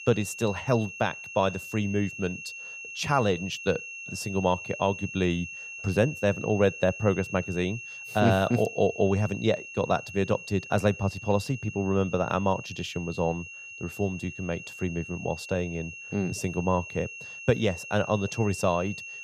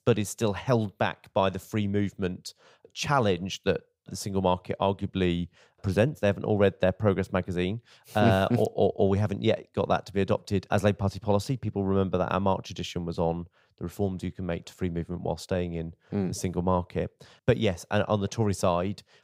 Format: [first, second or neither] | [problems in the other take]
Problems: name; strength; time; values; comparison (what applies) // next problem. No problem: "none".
second | high-pitched whine; noticeable; throughout; 2.5 kHz, 10 dB below the speech